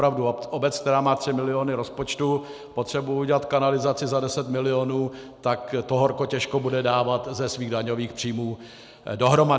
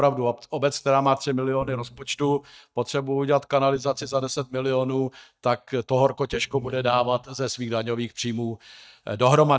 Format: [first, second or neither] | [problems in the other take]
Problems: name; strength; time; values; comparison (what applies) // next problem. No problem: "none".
first | noise reduction (neural mask model DeepFilterNet 3)